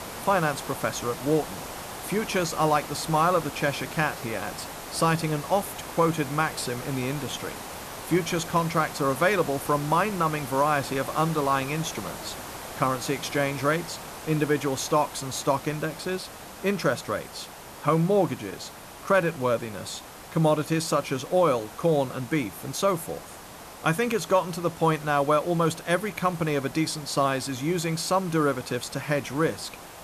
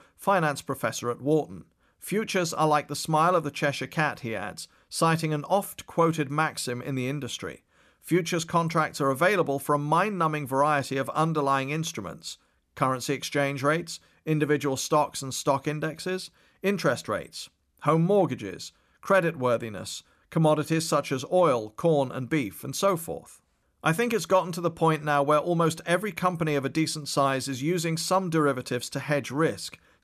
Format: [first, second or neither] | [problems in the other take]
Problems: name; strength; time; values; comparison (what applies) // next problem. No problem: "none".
second | hiss; noticeable; throughout; 10 dB below the speech